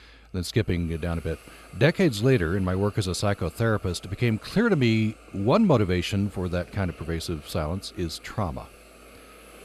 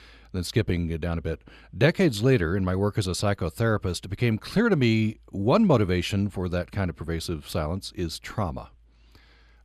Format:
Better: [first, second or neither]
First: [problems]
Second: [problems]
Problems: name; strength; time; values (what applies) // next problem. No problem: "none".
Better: second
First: hiss; faint; throughout; 25 dB below the speech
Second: none